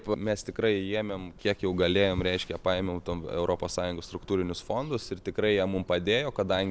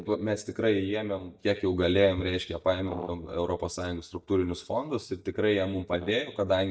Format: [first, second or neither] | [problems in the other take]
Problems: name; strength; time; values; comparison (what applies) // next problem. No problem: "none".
first | noise reduction (neural mask model DeepFilterNet 3)